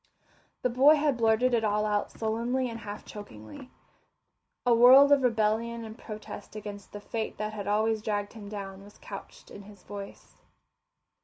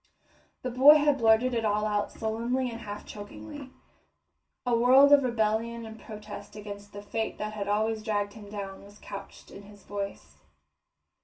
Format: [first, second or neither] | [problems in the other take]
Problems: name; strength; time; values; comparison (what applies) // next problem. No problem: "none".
first | room echo; dies away in 0.2 s